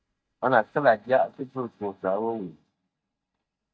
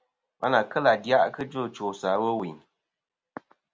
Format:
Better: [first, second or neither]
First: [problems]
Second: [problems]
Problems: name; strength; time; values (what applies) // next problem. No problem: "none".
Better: second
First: noise reduction (neural mask model DeepFilterNet 3)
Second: none